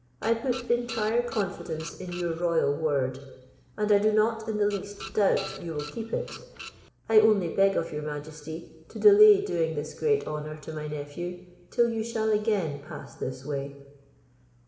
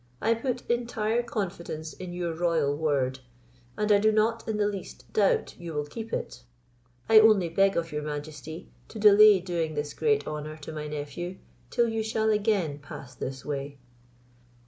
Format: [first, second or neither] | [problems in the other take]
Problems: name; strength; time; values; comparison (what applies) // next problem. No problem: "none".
second | background sound (Printer); 15 dB below the speech // room echo; dies away in 1 s